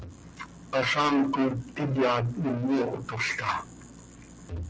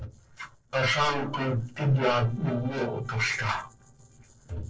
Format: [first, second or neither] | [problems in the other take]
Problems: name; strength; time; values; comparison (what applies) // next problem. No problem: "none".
first | noise reduction (neural separator model SepFormer DNS4)